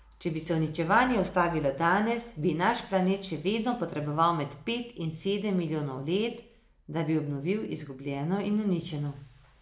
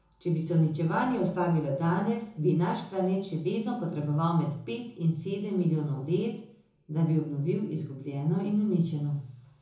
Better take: first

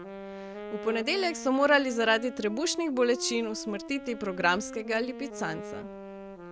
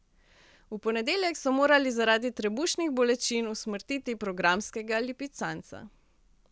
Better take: second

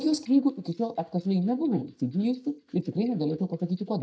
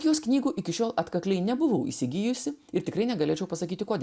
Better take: second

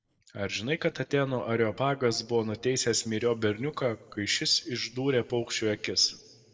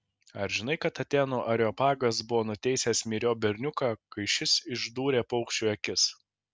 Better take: second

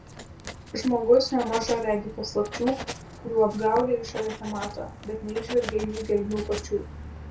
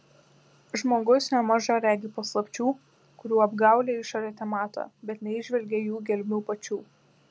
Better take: second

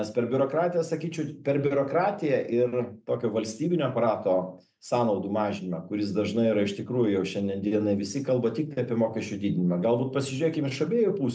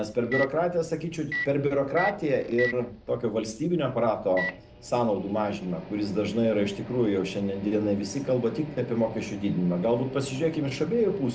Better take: first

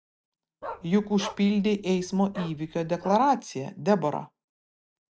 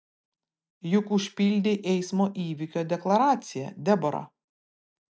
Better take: second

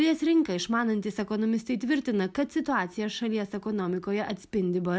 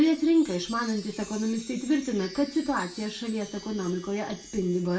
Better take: first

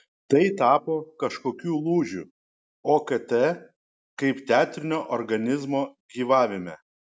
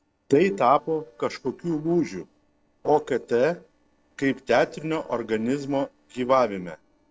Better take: first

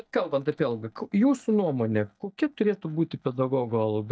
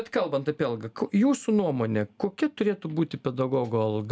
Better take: second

